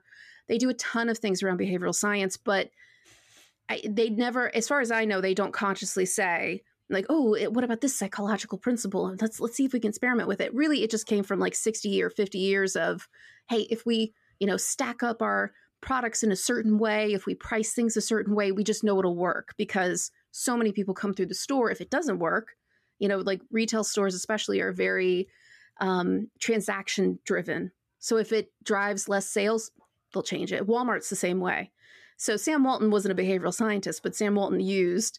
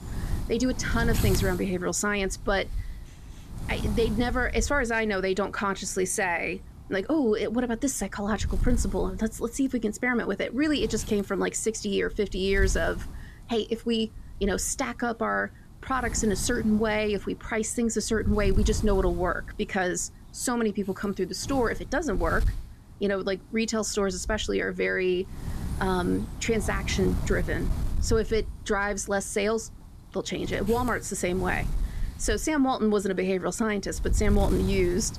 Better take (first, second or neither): first